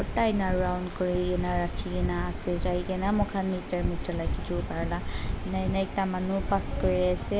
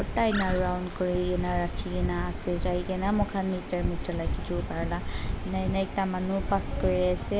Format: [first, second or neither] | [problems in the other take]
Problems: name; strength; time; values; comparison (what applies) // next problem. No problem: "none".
first | background sound (Animal); 12 dB below the speech